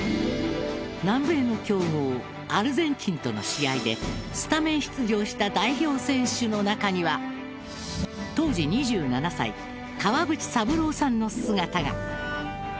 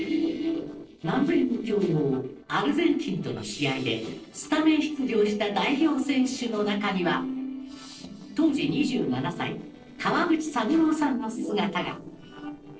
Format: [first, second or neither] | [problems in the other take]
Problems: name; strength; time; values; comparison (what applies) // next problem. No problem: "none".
first | noise reduction (neural separator model SepFormer DNS4)